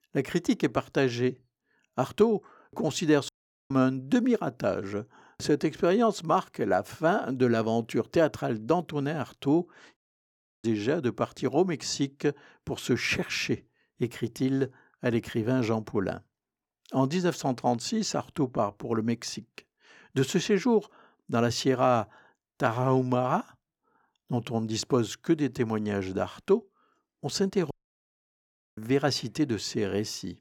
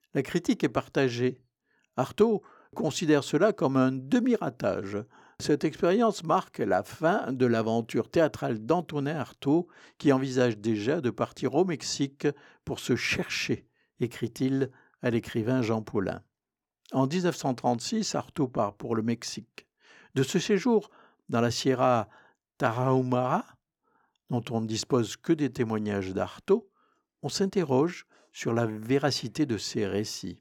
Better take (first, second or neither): second